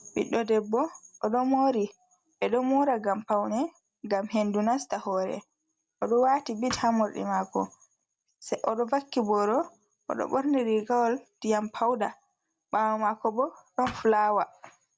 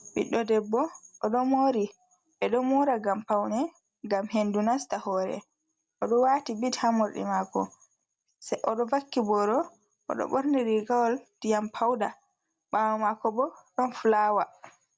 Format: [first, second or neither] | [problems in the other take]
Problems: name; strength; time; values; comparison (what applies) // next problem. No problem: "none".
second | background sound (Thump, thud); 12 dB below the speech